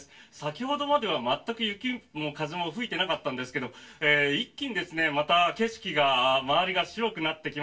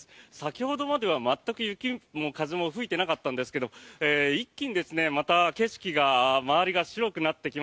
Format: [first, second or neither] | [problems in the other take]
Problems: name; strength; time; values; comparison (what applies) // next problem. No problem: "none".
second | room echo; dies away in 0.2 s